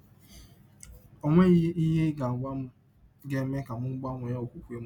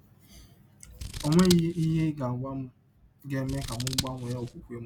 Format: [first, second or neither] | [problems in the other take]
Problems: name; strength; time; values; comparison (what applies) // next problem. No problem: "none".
first | background sound (Scissors); 8 dB below the speech